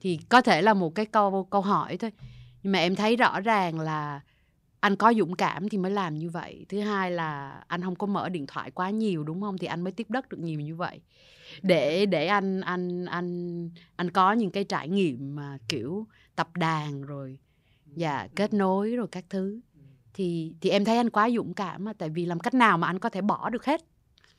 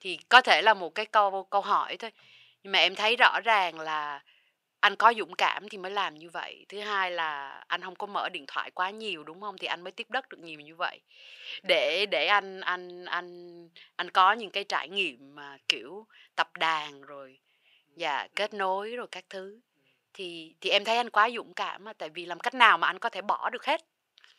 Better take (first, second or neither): first